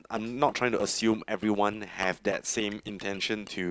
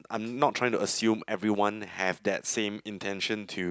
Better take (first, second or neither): second